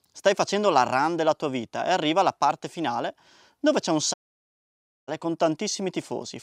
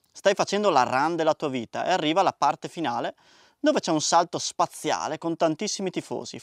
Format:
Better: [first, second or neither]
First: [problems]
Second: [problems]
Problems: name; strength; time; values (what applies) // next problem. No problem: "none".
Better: second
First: audio cutting out; at 4 s for 1 s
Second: none